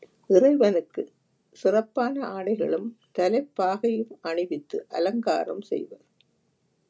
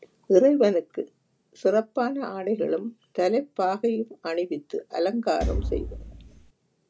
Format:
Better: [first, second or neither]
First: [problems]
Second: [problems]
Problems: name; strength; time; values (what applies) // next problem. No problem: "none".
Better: first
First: none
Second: background sound (Thump, thud); 5 dB below the speech